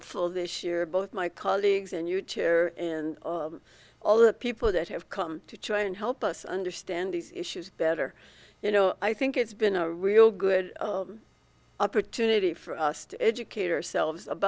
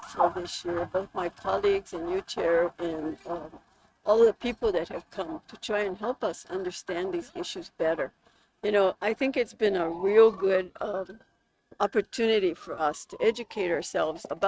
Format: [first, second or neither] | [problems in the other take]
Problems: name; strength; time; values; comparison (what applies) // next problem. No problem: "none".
first | noise reduction (neural mask model RNNoise)